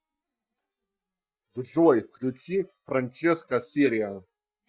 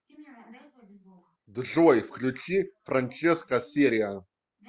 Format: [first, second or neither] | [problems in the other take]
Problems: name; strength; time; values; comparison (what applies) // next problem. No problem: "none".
second | noise reduction (neural mask model DeepFilterNet 3)